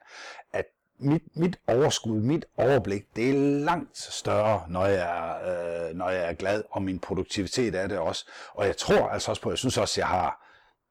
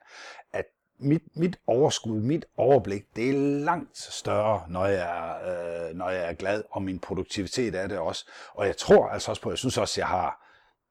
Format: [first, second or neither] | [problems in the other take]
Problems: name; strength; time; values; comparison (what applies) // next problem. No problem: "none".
second | distortion; slight; 4% of the sound clipped